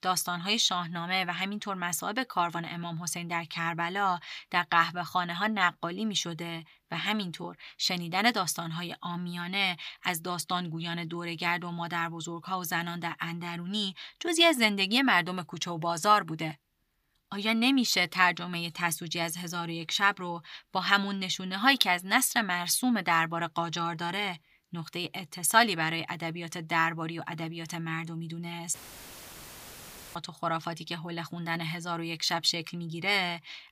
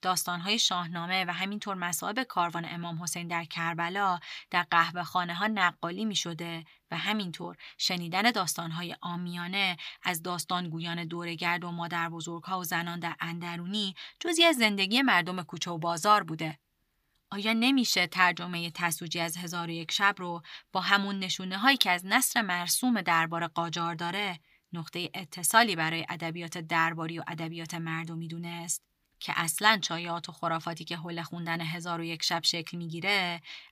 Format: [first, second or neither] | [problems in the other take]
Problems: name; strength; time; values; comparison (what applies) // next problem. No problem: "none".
second | audio cutting out; filled with static; at 29 s for 1.5 s